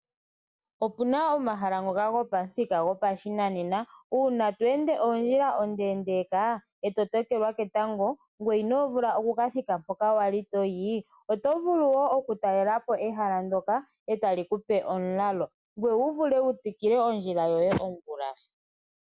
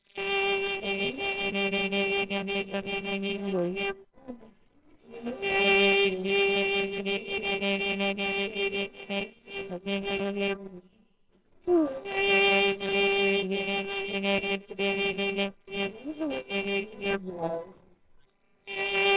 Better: first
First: none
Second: noise reduction (neural separator model SepFormer WHAMR!)

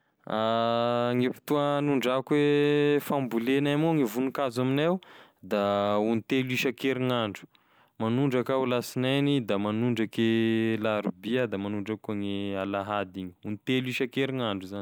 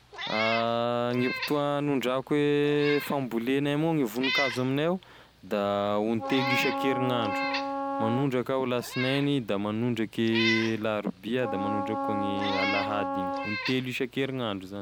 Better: first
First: none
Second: background sound (Wind instrument, woodwind instrument + Meow); 5 dB below the speech

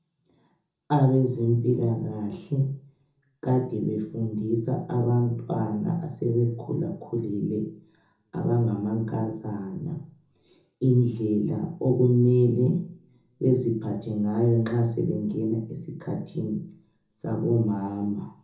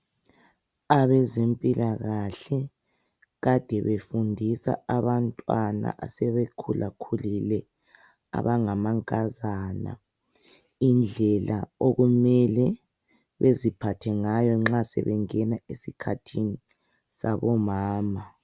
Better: second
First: room echo; dies away in 0.6 s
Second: none

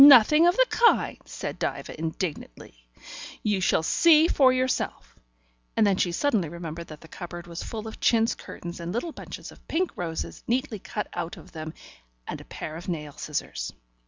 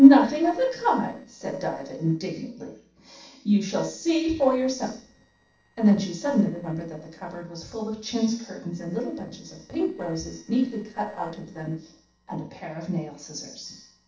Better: first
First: none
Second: noise reduction (neural separator model SepFormer DNS4)

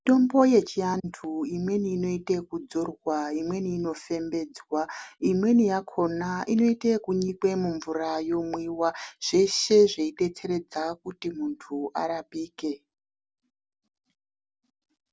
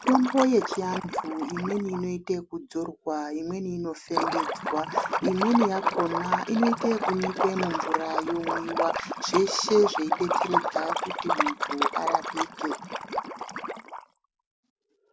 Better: first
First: none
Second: background sound (Liquid); 2 dB below the speech

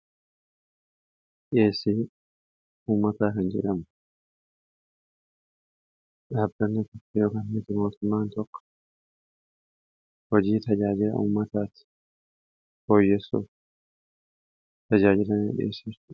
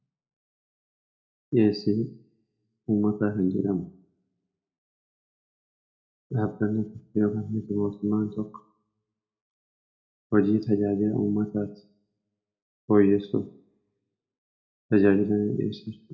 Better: first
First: none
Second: room echo; dies away in 0.4 s

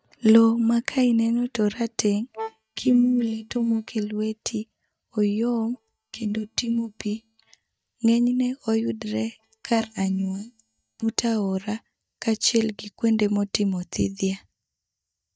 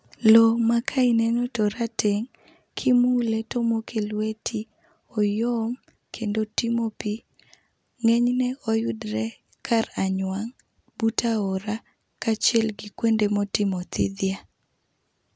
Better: second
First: noise reduction (neural mask model DeepFilterNet 3)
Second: none

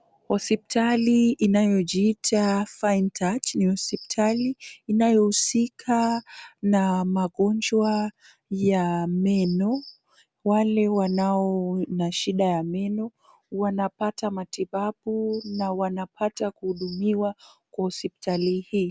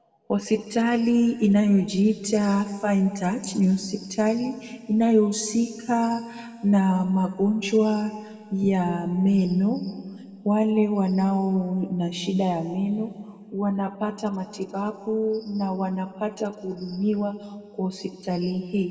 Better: first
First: none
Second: room echo; dies away in 1.9 s

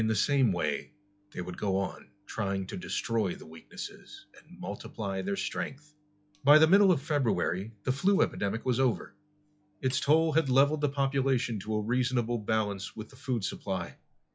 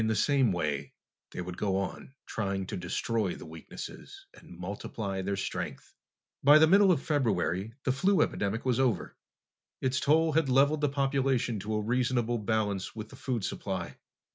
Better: second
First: noise reduction (classical method log-MMSE)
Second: none

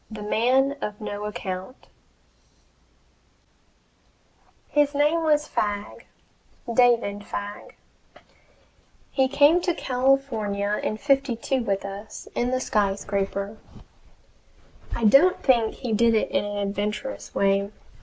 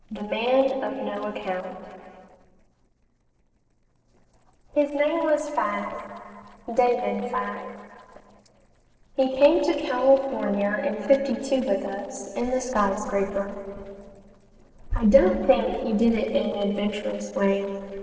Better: first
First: none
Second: noise reduction (neural separator model SepFormer DNS4)

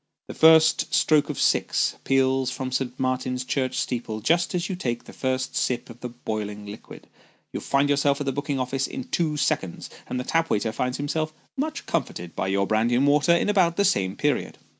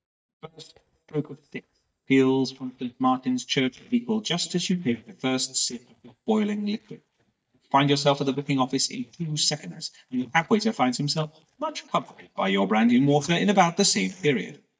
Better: first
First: none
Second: noise reduction (neural mask model DeepFilterNet 3)

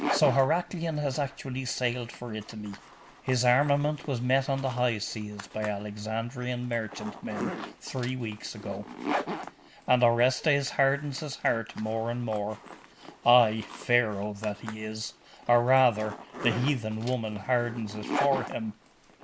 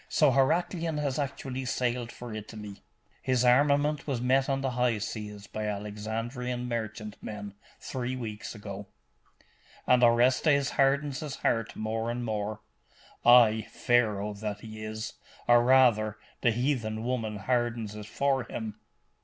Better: second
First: background sound (Zipper (clothing)); 11 dB below the speech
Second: none

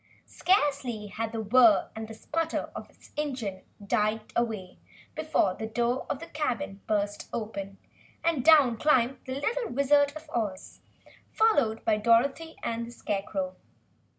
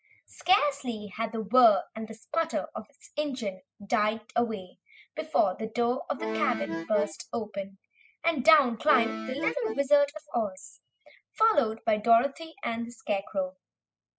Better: first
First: none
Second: noise reduction (classical method spectral subtraction)

